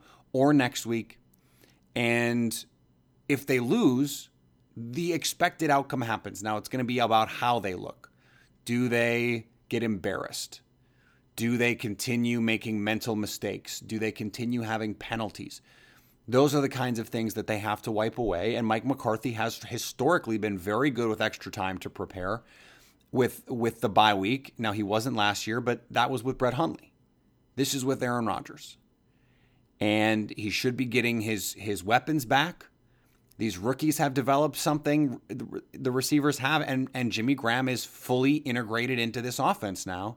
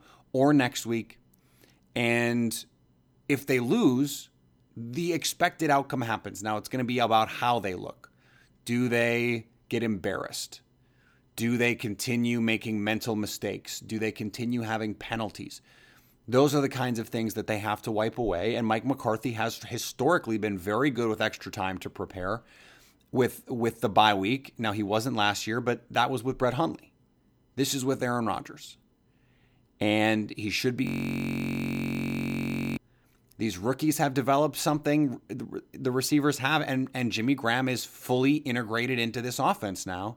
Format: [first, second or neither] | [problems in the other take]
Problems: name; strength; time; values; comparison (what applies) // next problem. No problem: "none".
first | audio freezing; at 31 s for 2 s